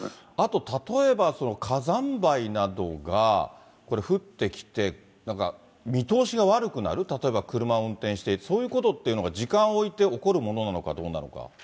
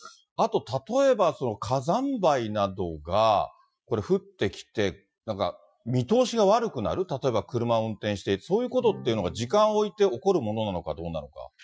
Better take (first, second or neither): first